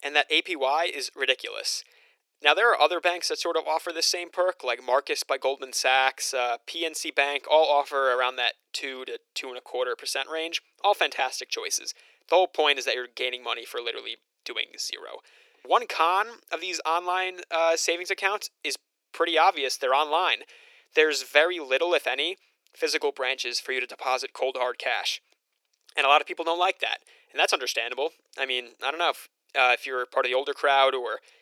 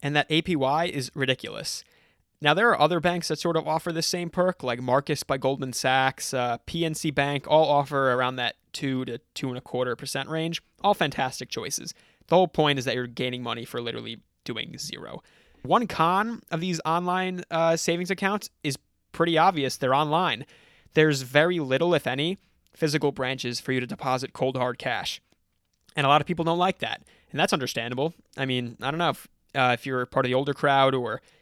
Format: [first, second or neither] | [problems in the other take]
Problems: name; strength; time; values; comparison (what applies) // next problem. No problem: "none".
second | thin; very; fading below 400 Hz